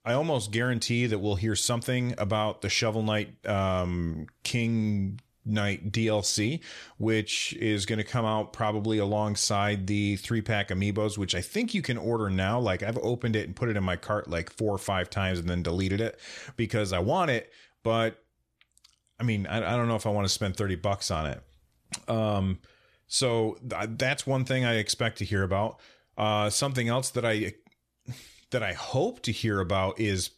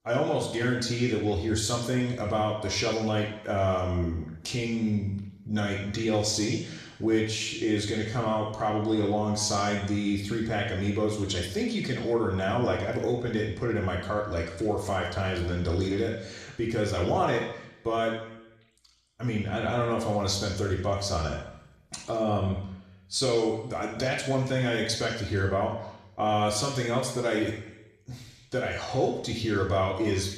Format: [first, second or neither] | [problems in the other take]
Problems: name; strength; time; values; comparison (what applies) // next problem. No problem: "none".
first | room echo; noticeable; dies away in 0.8 s // off-mic speech; far